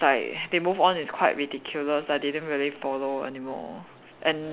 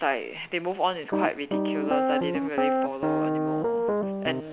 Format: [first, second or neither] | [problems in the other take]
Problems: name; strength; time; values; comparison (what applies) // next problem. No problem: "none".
first | background sound (Piano); 5 dB above the speech